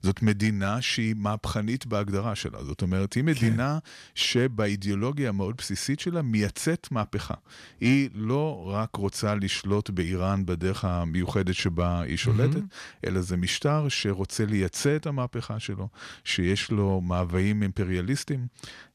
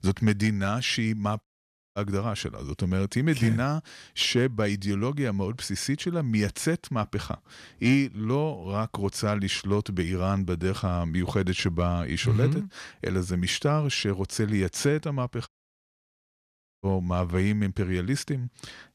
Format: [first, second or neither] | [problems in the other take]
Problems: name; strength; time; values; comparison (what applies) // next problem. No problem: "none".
first | audio cutting out; at 1.5 s for 0.5 s and at 15 s for 1.5 s